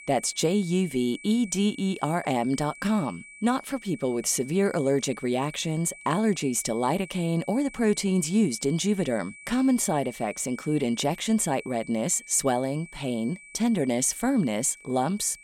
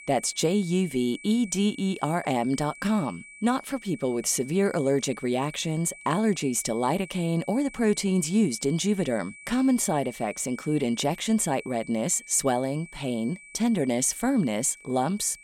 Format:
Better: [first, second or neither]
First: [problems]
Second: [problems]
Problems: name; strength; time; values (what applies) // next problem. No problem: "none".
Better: neither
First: high-pitched whine; noticeable; throughout; 2.5 kHz, 20 dB below the speech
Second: high-pitched whine; noticeable; throughout; 2.5 kHz, 20 dB below the speech